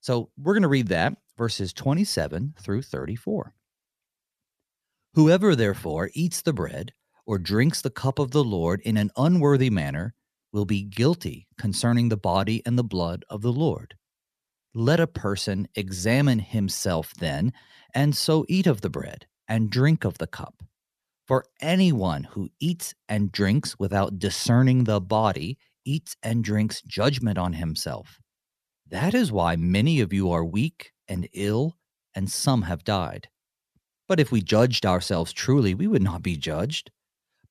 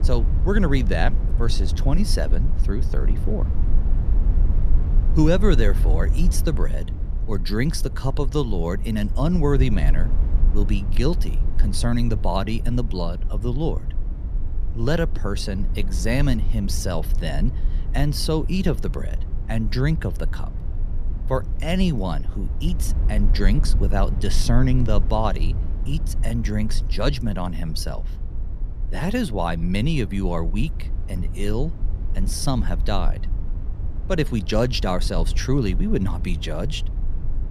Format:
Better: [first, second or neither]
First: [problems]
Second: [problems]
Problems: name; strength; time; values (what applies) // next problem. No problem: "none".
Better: first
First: none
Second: low rumble; noticeable; throughout; 15 dB below the speech